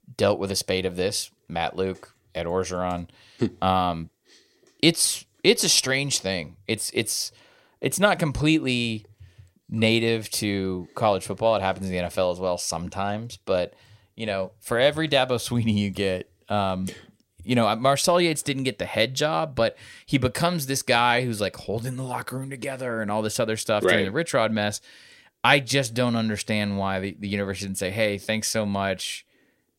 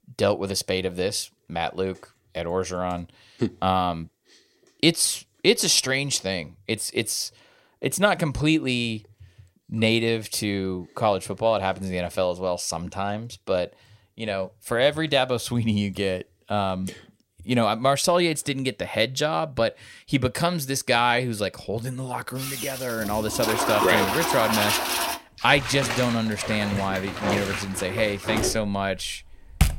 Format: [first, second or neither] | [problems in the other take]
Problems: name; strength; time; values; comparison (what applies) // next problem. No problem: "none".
first | household noises; loud; from 22 s on; 3 dB below the speech